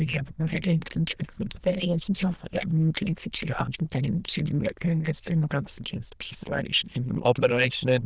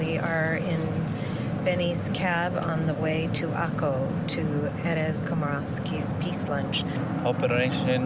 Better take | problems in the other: second | noise reduction (neural diffusion model UNIVERSE++)

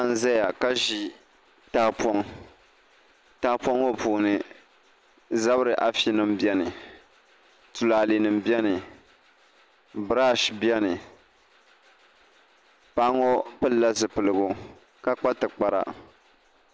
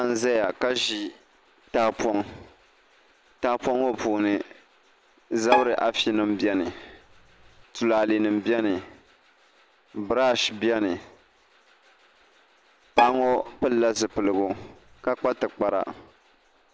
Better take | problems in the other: first | background sound (Bowed string instrument); 5 dB below the speech

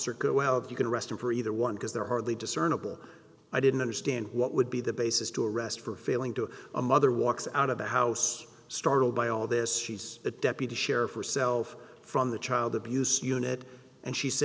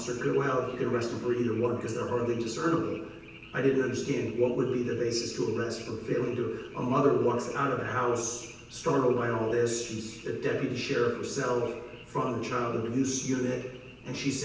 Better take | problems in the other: first | background sound (Frog); 20 dB below the speech // room echo; dies away in 0.9 s

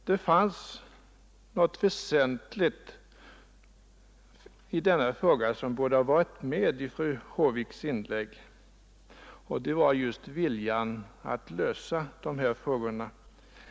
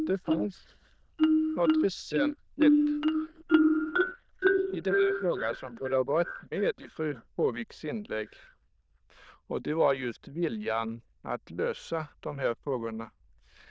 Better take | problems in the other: first | noise reduction (neural diffusion model UNIVERSE++)

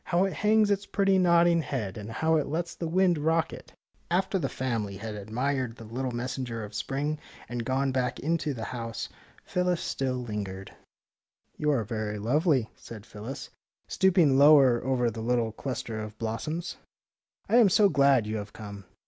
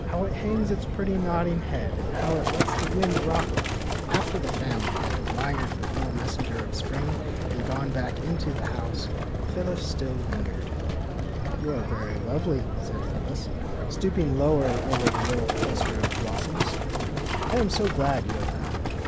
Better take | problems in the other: first | background sound (Livestock, farm animals, working animals); 3 dB above the speech

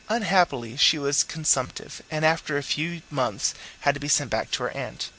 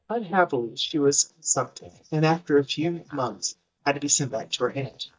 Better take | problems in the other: first | noise reduction (neural mask model DeepFilterNet 3)

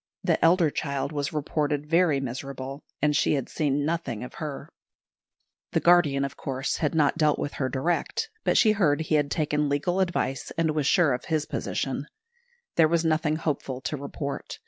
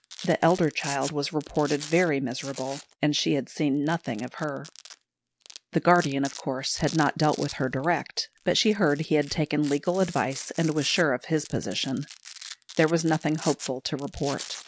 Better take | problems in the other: first | background sound (Domestic sounds, home sounds); 17 dB below the speech

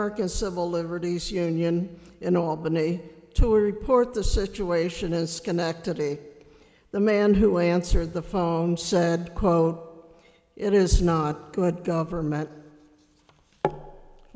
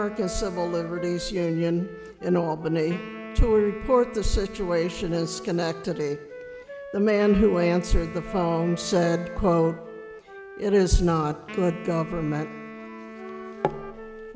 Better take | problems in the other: first | background sound (Wind instrument, woodwind instrument + Wind instrument, woodwind instrument); 14 dB below the speech

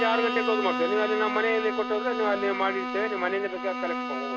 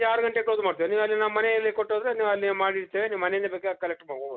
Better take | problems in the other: second | background sound (Bowed string instrument); 3 dB below the speech

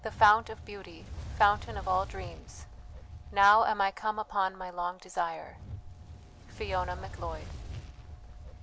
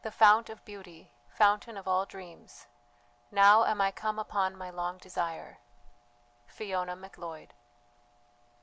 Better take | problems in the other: second | background sound (Fire); 12 dB below the speech

